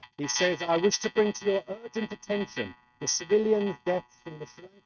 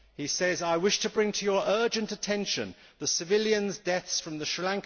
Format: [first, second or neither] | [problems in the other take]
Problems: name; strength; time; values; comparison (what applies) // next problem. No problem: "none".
second | noise reduction (neural mask model RNNoise)